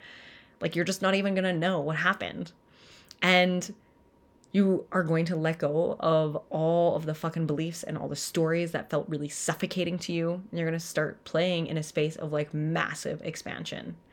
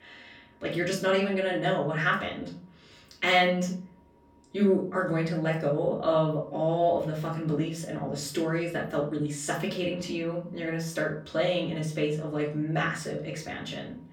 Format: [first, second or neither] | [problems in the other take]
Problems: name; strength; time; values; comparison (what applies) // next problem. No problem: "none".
first | room echo; slight; dies away in 0.4 s // off-mic speech; far